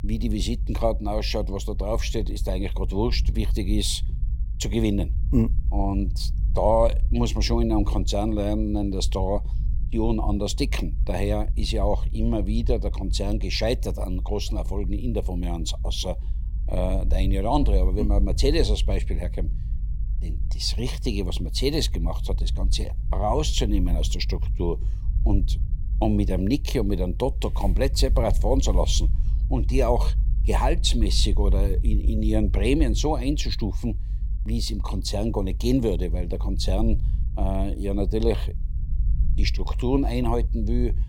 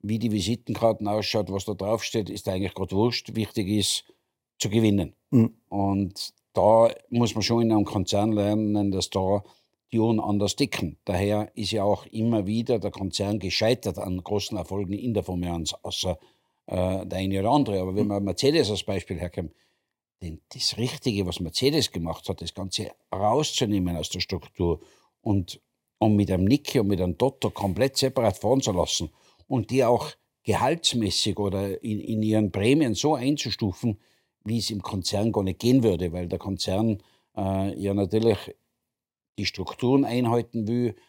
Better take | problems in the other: second | low rumble; noticeable; throughout; 20 dB below the speech

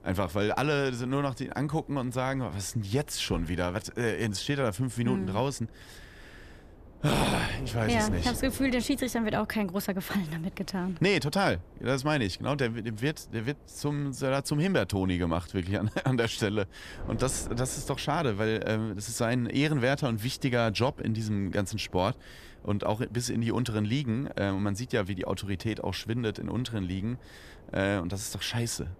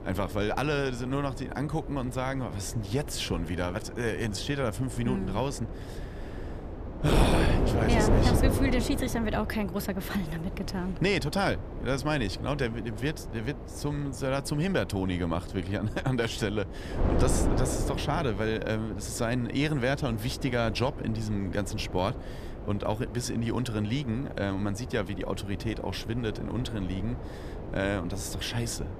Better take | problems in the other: first | wind noise on the microphone; heavy; 7 dB below the speech; occasional gusts in the first

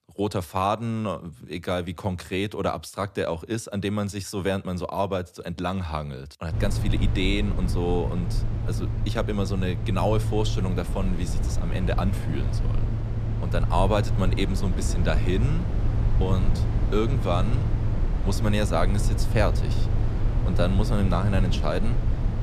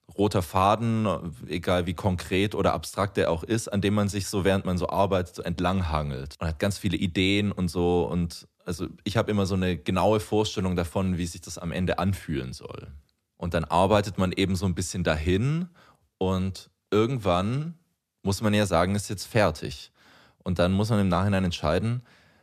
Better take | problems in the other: second | low rumble; loud; from 6.5 s on; 9 dB below the speech

